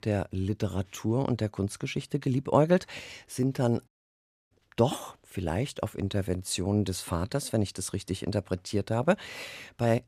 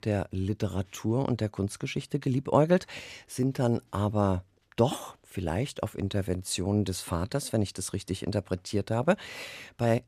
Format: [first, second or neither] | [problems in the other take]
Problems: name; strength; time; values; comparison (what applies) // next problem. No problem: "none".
second | audio cutting out; at 4 s for 0.5 s